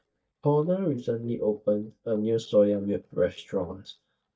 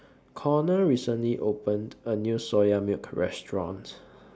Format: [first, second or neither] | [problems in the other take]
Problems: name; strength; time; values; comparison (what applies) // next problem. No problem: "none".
second | noise reduction (neural mask model DeepFilterNet 3)